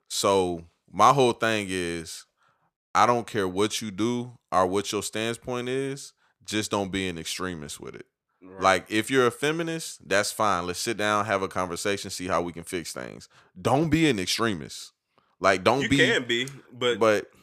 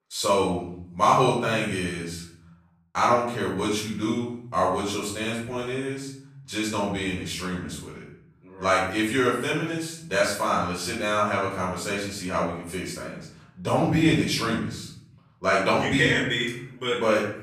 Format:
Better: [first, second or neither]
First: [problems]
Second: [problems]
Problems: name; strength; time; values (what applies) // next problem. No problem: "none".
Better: first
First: none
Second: off-mic speech; far // room echo; noticeable; dies away in 0.7 s